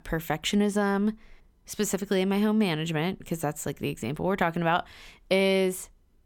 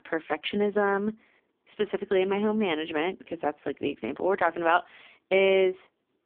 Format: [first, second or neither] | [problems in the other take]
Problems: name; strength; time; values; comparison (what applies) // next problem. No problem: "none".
first | phone-call audio; poor line; nothing above 3 kHz